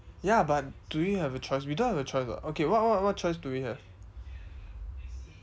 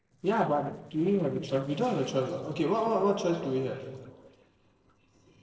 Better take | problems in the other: first | noise reduction (neural separator model SepFormer DNS4)

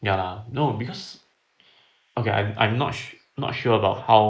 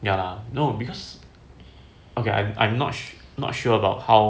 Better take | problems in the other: second | noise reduction (neural mask model Resemble Enhance denoiser)

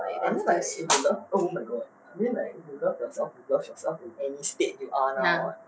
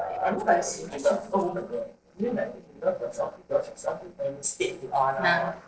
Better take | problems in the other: first | noise reduction (neural separator model SepFormer DNS4)

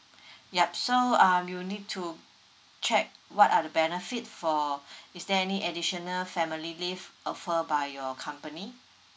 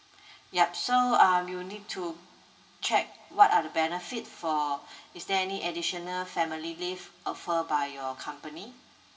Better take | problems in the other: first | room echo; dies away in 2.2 s

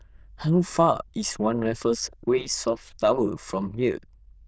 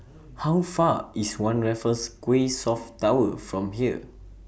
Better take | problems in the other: second | noise reduction (neural diffusion model UNIVERSE++)

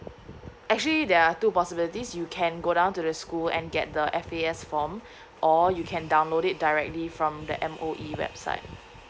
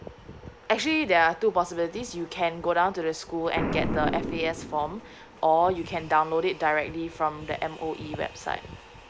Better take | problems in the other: first | background sound (Boom); 11 dB below the speech

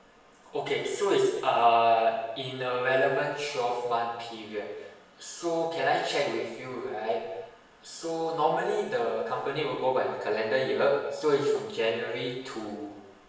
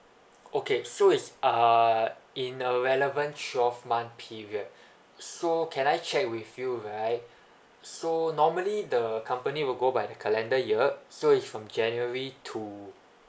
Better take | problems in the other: second | room echo; dies away in 1 s

